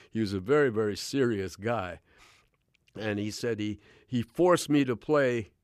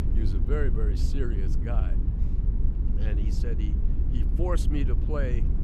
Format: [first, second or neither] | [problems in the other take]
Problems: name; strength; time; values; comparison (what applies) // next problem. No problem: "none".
first | low rumble; loud; throughout; 6 dB below the speech